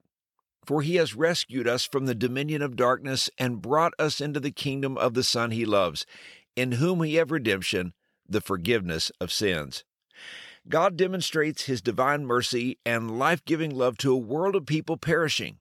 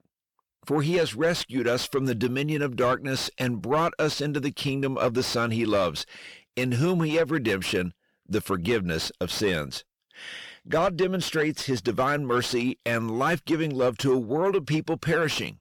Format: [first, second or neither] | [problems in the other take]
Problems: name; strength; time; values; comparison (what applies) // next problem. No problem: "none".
first | distortion; slight; 10 dB below the speech